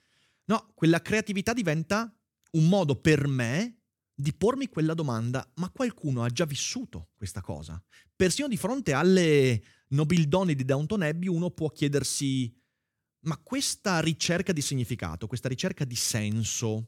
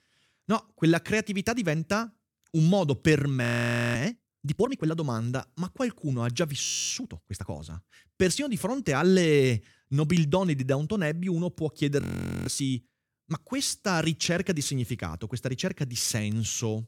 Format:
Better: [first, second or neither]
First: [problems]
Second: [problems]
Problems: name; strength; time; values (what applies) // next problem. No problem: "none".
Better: first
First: none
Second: audio freezing; at 3.5 s for 0.5 s, at 6.5 s and at 12 s